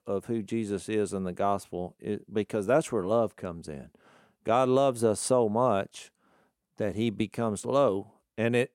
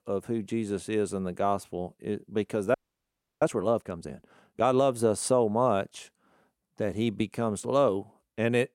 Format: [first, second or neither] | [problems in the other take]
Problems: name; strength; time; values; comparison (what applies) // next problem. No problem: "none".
first | audio freezing; at 2.5 s for 0.5 s